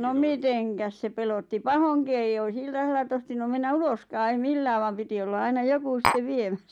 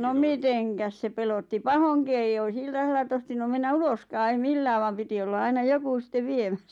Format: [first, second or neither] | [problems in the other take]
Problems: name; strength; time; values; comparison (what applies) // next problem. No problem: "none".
second | background sound (Tap); 1 dB above the speech